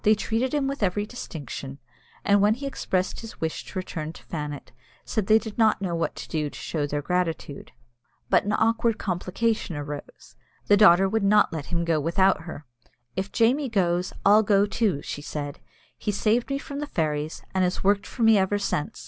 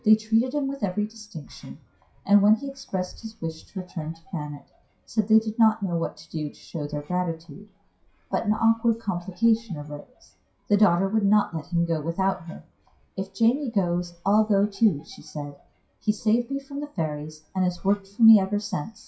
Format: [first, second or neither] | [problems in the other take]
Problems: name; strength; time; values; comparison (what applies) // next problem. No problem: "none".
first | noise reduction (classical method WPE with log-MMSE)